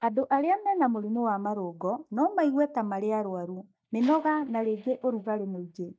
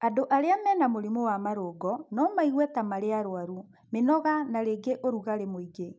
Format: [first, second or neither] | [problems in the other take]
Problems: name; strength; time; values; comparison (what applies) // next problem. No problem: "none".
second | noise reduction (neural mask model DeepFilterNet 3)